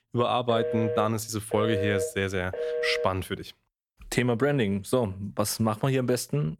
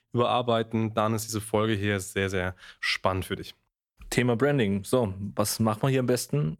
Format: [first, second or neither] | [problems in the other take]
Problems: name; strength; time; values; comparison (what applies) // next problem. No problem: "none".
second | phone ringing; noticeable; until 3 s; peak 2 dB below the speech